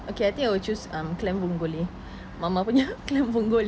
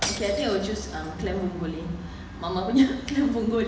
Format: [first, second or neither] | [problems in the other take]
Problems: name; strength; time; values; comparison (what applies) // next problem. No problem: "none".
first | background sound (Shatter / Crushing); 12 dB below the speech // room echo; dies away in 1 s